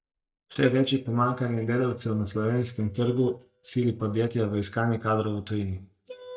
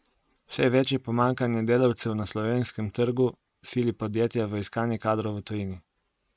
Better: second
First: noise reduction (neural mask model DeepFilterNet 3)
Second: none

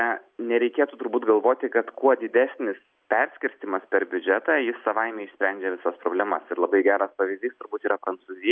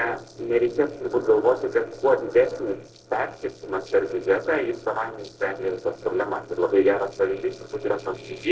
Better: first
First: none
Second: noise reduction (neural separator model SepFormer DNS4)

